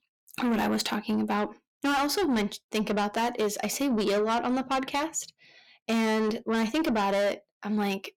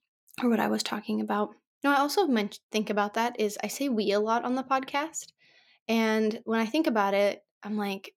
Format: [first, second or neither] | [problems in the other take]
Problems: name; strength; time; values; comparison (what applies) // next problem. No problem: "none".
second | distortion; heavy; 8 dB below the speech